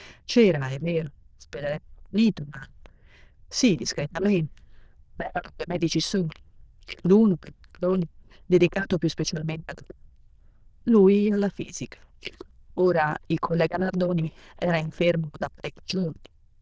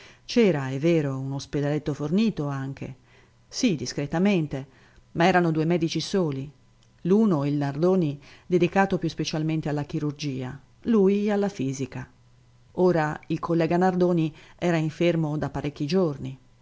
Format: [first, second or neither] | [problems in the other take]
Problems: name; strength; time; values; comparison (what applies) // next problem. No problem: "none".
second | noise reduction (neural diffusion model UNIVERSE++)